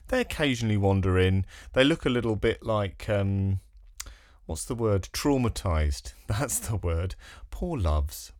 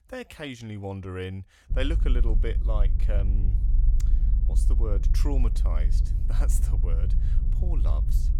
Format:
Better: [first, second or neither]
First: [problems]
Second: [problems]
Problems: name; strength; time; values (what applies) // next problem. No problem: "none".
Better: first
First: none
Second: low rumble; loud; from 1.5 s on; 9 dB below the speech